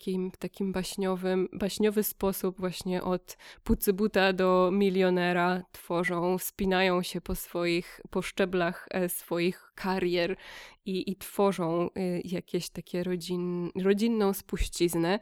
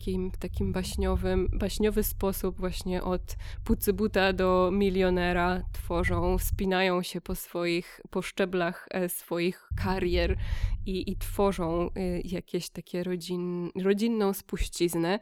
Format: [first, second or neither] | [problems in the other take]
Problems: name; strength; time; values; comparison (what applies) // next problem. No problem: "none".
first | low rumble; faint; until 6.5 s and from 9.5 to 12 s; 25 dB below the speech